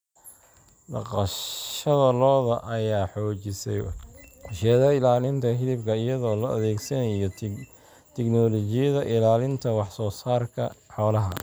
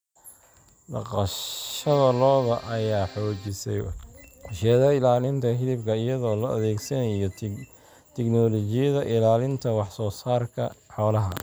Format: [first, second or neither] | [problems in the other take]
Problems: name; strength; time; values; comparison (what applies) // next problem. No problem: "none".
first | background sound (Accordion); 19 dB below the speech